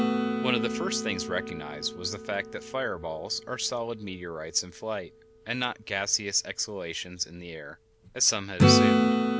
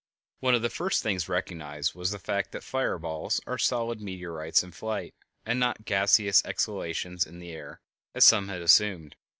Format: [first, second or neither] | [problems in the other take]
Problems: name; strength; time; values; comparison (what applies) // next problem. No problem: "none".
second | background sound (Acoustic guitar / Strum); 2 dB above the speech